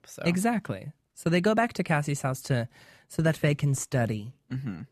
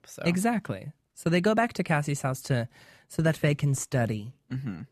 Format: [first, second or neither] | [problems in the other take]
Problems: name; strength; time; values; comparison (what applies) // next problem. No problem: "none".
neither | none